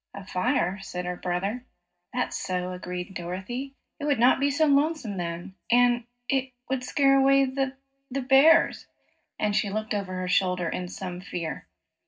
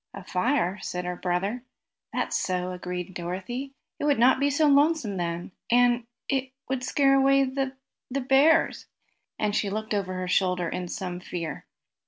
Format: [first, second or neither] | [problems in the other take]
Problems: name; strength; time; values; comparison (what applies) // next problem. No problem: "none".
second | room echo; dies away in 0.4 s